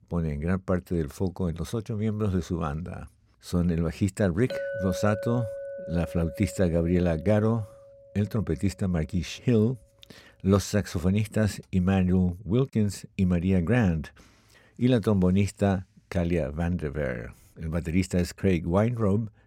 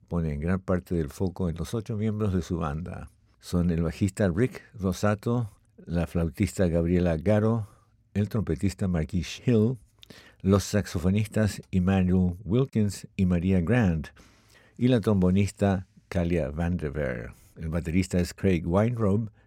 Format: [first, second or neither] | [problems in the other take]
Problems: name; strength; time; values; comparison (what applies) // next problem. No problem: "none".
second | clattering dishes; noticeable; from 4.5 to 8 s; peak 5 dB below the speech